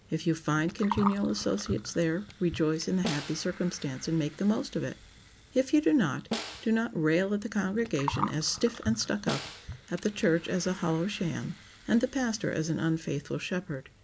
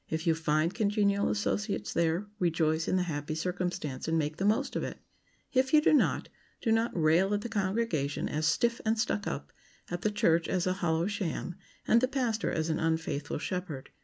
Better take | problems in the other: second | background sound (Snare drum + Gurgling); 12 dB below the speech

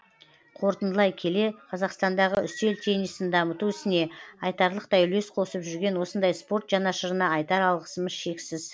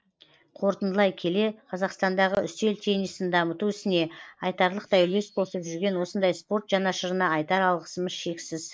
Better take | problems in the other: first | noise reduction (neural mask model Resemble Enhance denoiser)

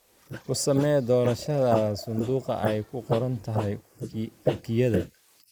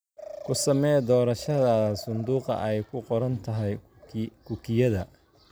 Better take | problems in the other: second | noise reduction (neural mask model Resemble Enhance denoiser)

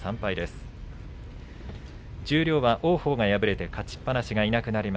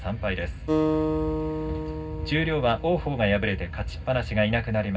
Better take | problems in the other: first | background sound (Acoustic guitar); 4 dB below the speech // room echo; dies away in 0.4 s

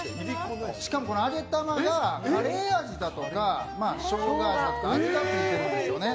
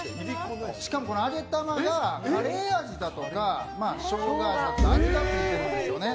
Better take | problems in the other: first | background sound (Thump, thud); 2 dB above the speech

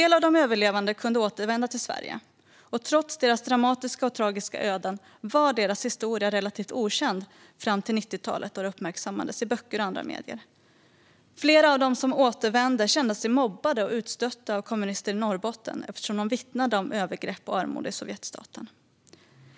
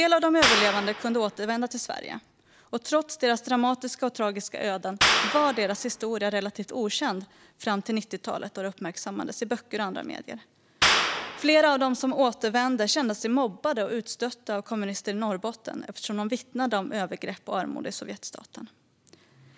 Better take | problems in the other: first | background sound (Clapping); 2 dB below the speech

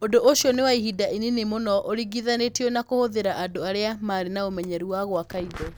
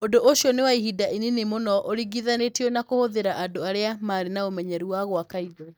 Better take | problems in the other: first | noise reduction (neural mask model DeepFilterNet 3)

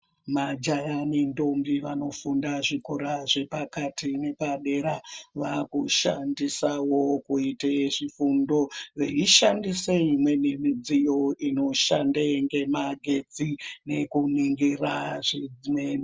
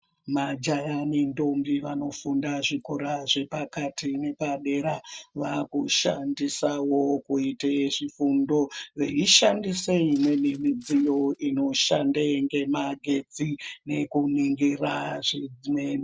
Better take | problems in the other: first | noise reduction (neural mask model RNNoise)

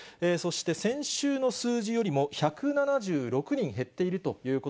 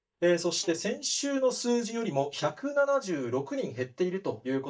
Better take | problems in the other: first | noise reduction (neural mask model DeepFilterNet 3)

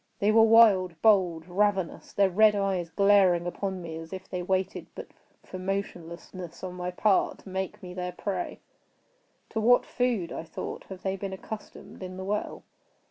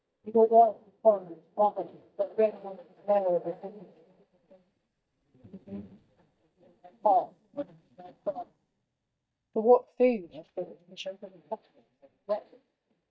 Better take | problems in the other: first | noise reduction (neural mask model DeepFilterNet 3)

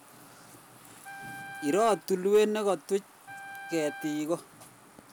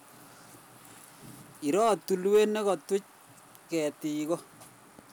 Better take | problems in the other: second | background sound (Wind instrument, woodwind instrument); 15 dB below the speech

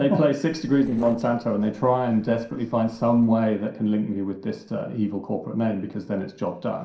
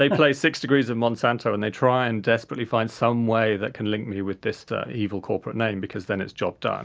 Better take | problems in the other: second | noise reduction (neural separator model SepFormer DNS4)

